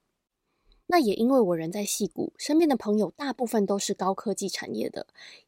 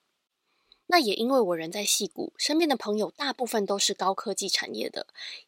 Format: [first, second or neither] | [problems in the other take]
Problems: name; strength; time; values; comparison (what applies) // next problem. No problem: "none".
first | thin; very slightly; fading below 500 Hz